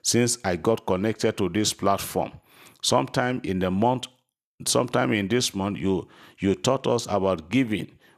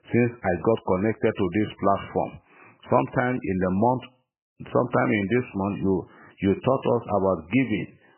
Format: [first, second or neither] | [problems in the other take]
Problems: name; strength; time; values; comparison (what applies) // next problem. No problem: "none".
first | garbled, watery; badly; nothing above 3 kHz